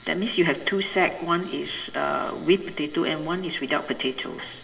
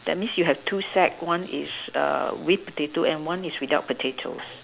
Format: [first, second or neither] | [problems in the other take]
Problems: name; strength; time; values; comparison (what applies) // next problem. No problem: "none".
second | room echo; dies away in 1.6 s